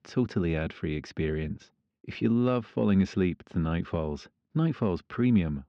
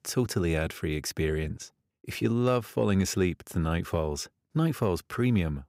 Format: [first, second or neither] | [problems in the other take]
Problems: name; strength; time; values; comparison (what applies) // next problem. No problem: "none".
second | muffled; slightly; fading above 4 kHz